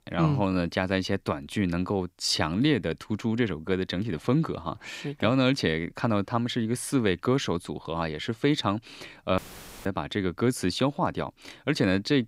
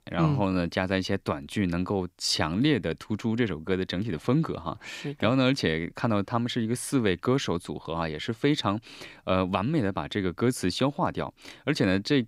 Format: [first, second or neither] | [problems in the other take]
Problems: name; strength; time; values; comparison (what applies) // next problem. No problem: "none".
second | audio cutting out; filled with static; at 9.5 s